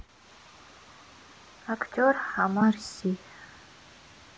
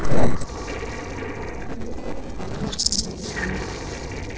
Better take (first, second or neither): first